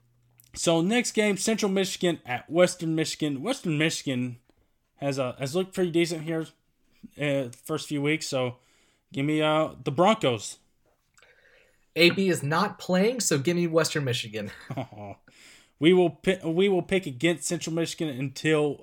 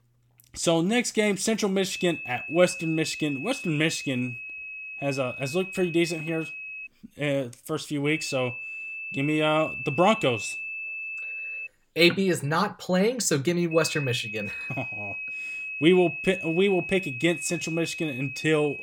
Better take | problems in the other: first | high-pitched whine; loud; from 2 to 7 s, from 8 to 12 s and from 14 s on; 2.5 kHz, 8 dB below the speech

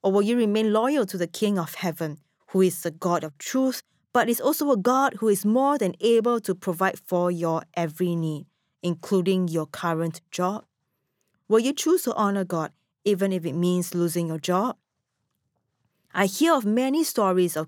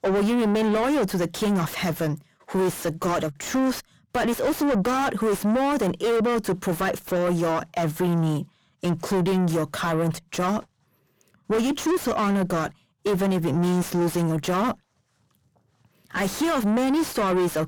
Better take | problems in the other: first | distortion; heavy; 5 dB below the speech

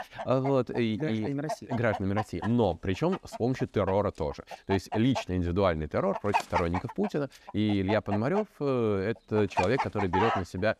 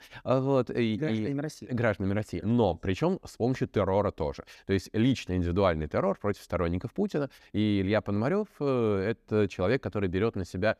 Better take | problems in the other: second | animal sounds; loud; throughout; 7 dB below the speech

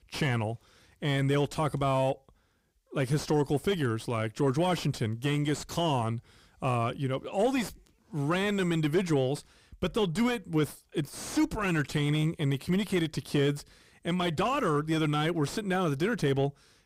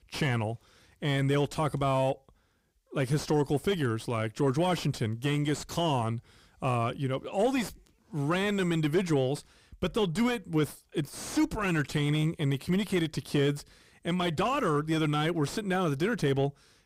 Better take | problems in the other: neither | distortion; slight; 10 dB below the speech; the same in both

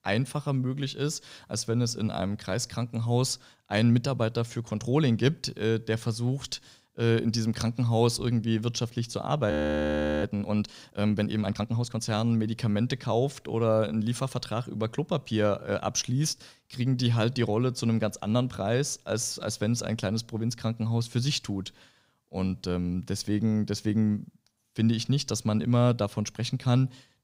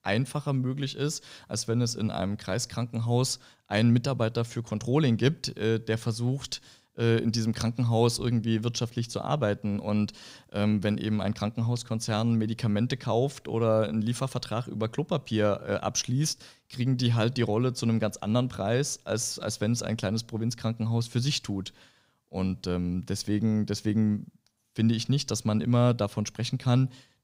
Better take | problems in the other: second | audio freezing; at 9.5 s for 0.5 s

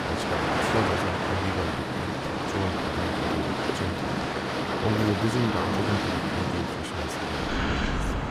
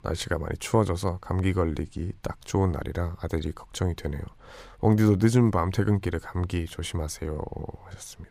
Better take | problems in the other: second | train or aircraft noise; very loud; throughout; 5 dB above the speech

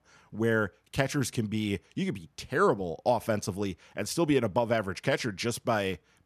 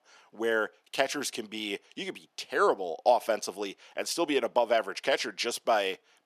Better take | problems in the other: first | thin; somewhat; fading below 350 Hz

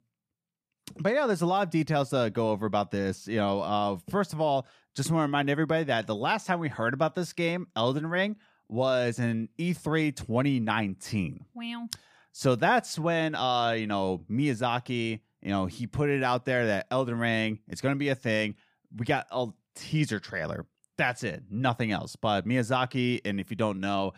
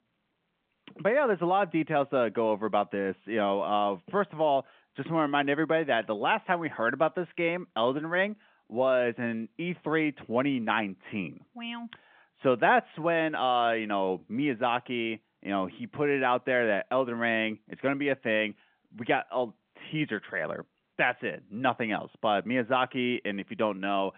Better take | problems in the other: first | phone-call audio; nothing above 3.5 kHz

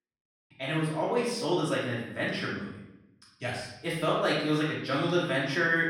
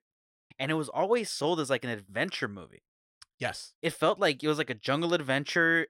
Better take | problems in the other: second | off-mic speech; far // room echo; noticeable; dies away in 0.8 s

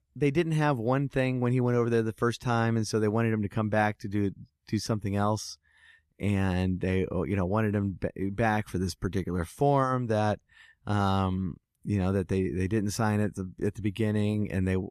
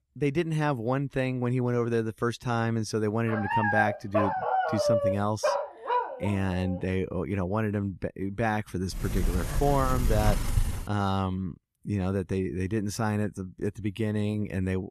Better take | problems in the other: first | dog barking; loud; from 3.5 to 7 s; peak 4 dB above the speech // door banging; loud; from 9 to 11 s; peak level with the speech

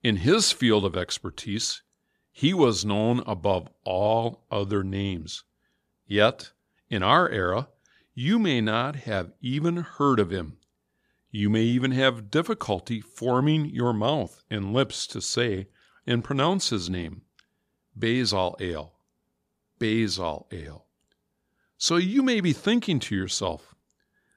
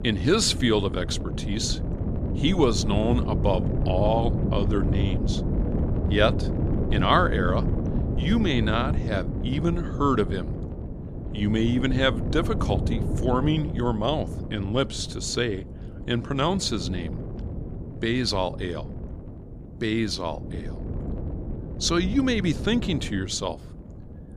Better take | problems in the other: first | wind noise on the microphone; occasional gusts; 10 dB below the speech

